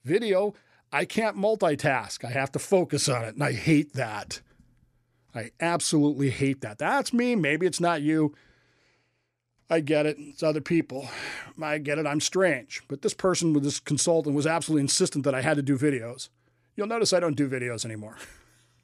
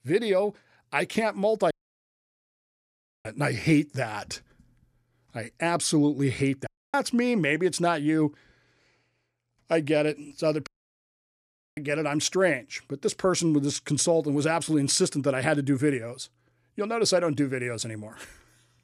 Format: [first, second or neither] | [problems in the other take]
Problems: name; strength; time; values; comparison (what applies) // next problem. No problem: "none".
first | audio cutting out; at 1.5 s for 1.5 s, at 6.5 s and at 11 s for 1 s